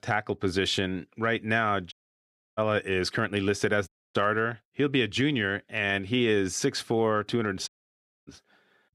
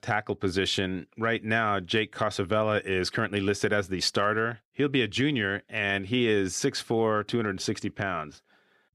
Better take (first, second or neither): second